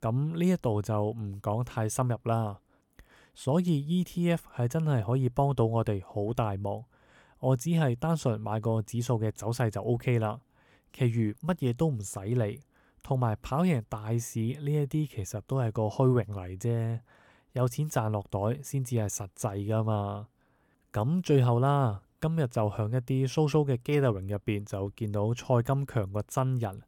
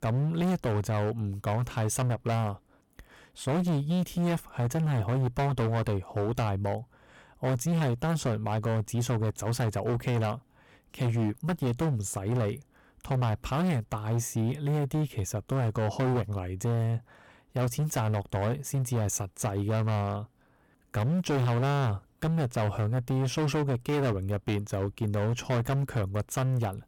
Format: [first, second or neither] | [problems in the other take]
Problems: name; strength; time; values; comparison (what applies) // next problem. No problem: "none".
first | distortion; heavy; 20% of the sound clipped